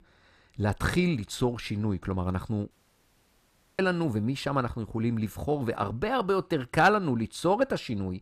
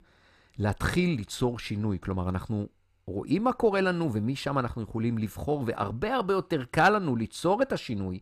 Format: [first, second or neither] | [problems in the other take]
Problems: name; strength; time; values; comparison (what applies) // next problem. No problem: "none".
second | audio cutting out; at 2.5 s for 1 s